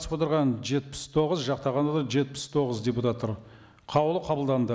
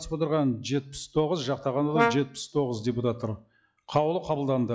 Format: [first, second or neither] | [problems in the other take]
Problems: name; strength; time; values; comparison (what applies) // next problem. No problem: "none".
first | noise reduction (classical method log-MMSE)